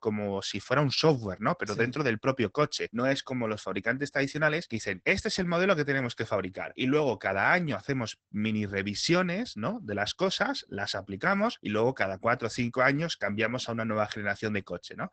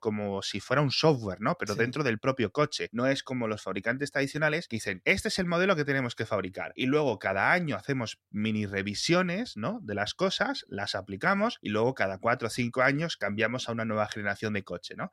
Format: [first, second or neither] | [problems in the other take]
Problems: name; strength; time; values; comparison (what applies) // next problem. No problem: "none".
second | garbled, watery; badly; nothing above 8 kHz